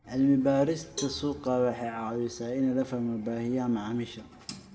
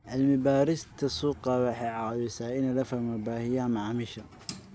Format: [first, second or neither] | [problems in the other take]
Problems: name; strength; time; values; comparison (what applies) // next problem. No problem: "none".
second | background sound (Cowbell); 17 dB below the speech // room echo; dies away in 0.6 s